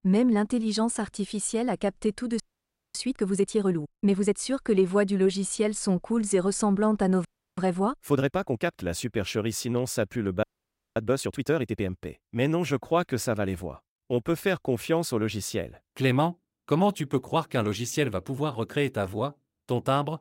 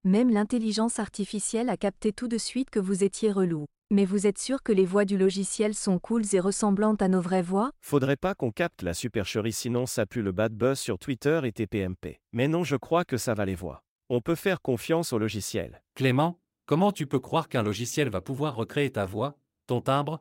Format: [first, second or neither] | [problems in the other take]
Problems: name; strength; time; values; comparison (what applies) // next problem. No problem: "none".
second | audio freezing; at 2.5 s for 0.5 s, at 7.5 s and at 10 s for 0.5 s